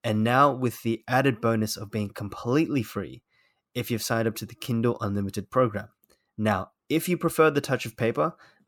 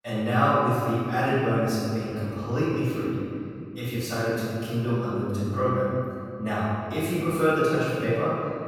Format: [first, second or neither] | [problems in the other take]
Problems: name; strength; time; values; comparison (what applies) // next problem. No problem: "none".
first | room echo; strong; dies away in 2.5 s // off-mic speech; far